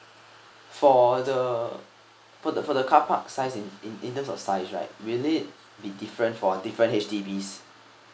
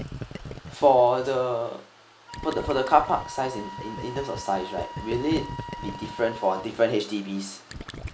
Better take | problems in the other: first | background sound (Wind instrument, woodwind instrument + Gurgling); 12 dB below the speech

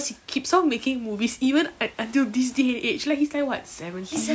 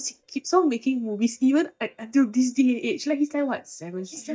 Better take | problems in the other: first | noise reduction (neural mask model DeepFilterNet 3)

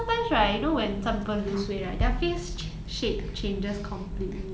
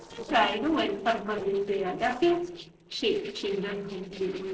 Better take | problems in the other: first | noise reduction (neural separator model SepFormer DNS4)

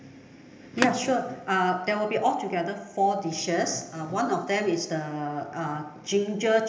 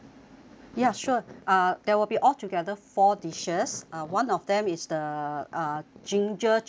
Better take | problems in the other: second | background sound (Telephone); 8 dB below the speech // room echo; dies away in 0.8 s

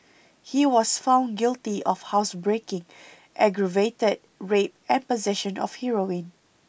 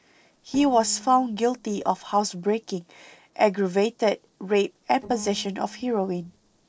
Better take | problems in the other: first | noise reduction (neural separator model SepFormer DNS4)

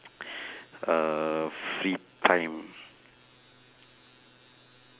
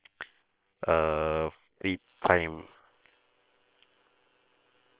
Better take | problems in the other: first | noise reduction (neural separator model SepFormer WHAM!)

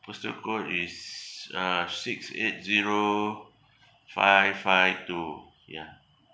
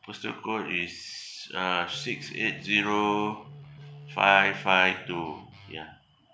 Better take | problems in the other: first | background sound (Guitar); 17 dB below the speech

